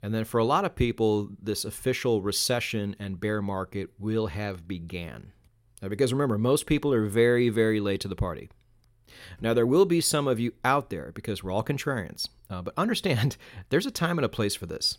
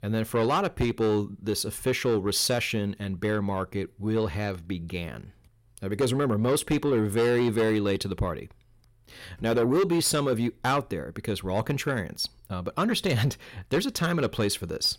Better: first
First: none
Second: distortion; slight; 10 dB below the speech

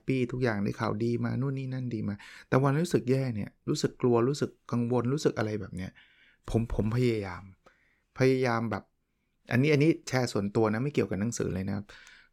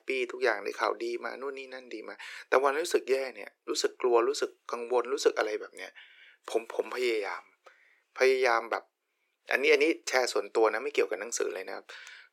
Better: first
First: none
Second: thin; very; fading below 400 Hz

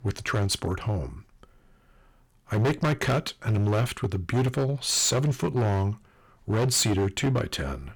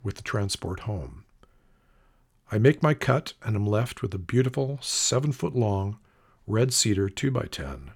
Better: second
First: distortion; heavy; 13% of the sound clipped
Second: none

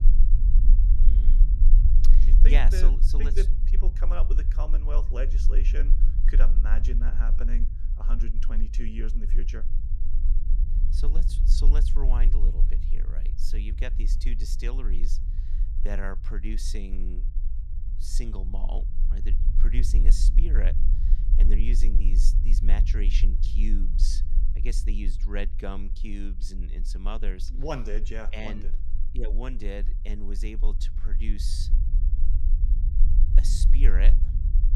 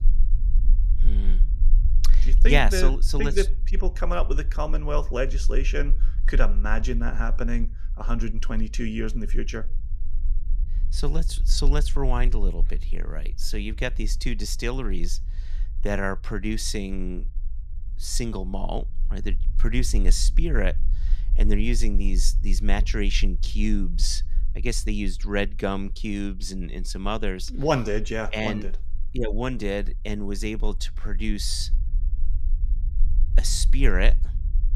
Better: second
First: low rumble; loud; throughout; 9 dB below the speech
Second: low rumble; faint; throughout; 20 dB below the speech

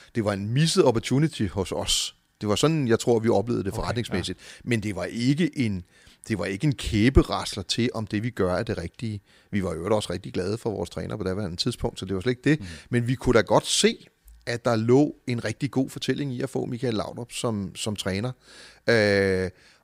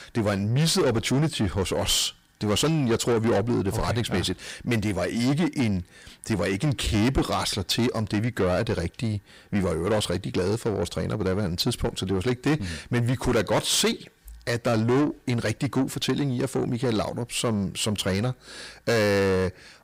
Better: first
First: none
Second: distortion; heavy; 7 dB below the speech

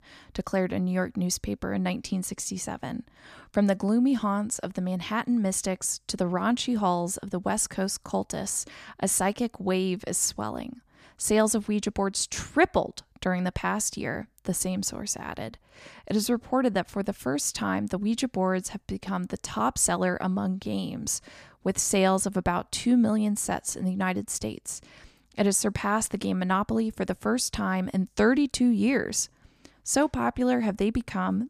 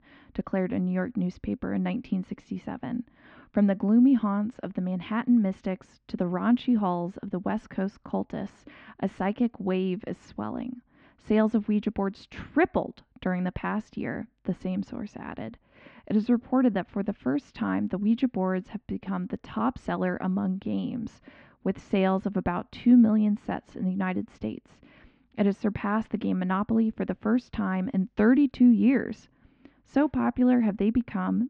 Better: first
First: none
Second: muffled; very; fading above 3 kHz

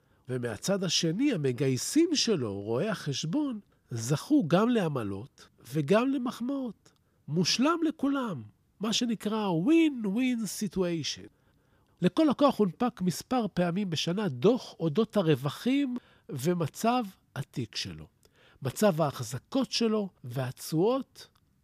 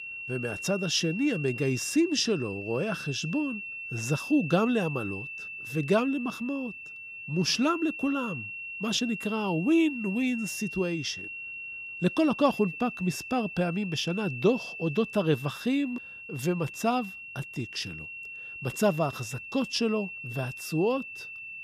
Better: first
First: none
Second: high-pitched whine; loud; throughout; 2.5 kHz, 9 dB below the speech

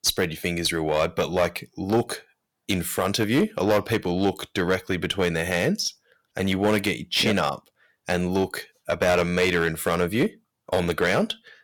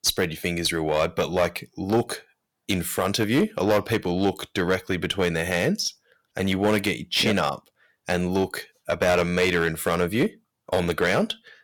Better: neither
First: distortion; slight; 5% of the sound clipped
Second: distortion; slight; 5% of the sound clipped

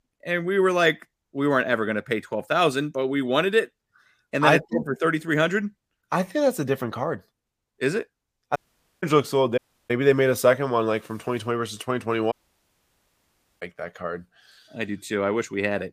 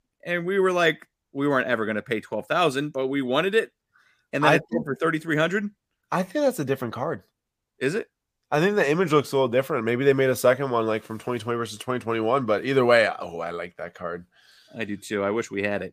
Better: second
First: audio cutting out; at 8.5 s, at 9.5 s and at 12 s for 1.5 s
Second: none

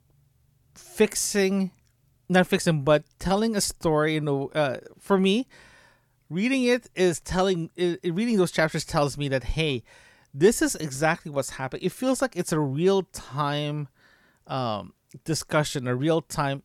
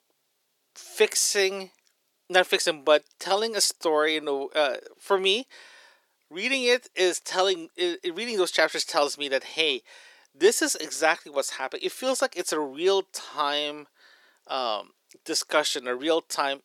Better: first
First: none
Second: thin; very; fading below 350 Hz

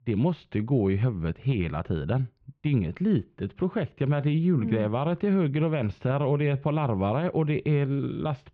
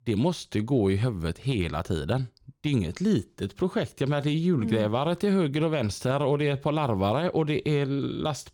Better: second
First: muffled; very; fading above 2.5 kHz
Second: none

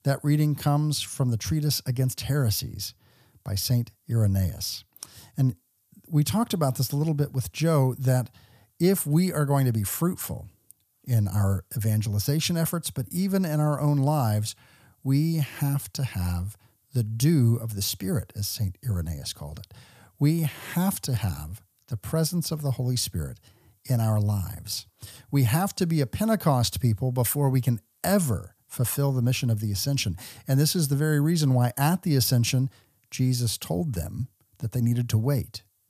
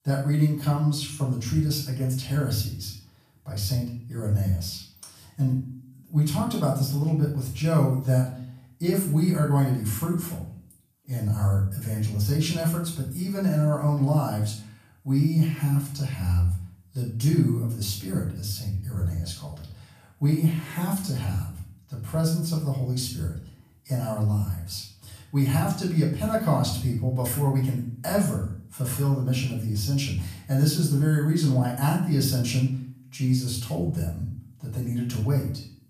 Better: first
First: none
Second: off-mic speech; far // room echo; noticeable; dies away in 0.5 s

